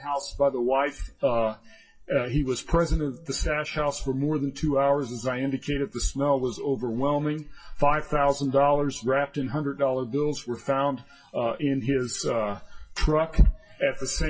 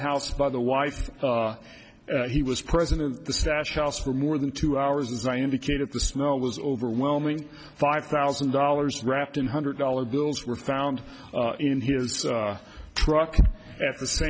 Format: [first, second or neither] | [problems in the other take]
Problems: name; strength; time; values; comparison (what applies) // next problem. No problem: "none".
second | noise reduction (classical method WPE with log-MMSE)